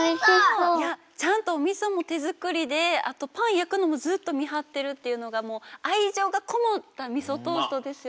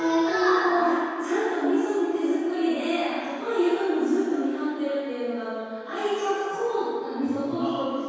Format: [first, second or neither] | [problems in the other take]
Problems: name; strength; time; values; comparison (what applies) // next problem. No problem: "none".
first | room echo; dies away in 2 s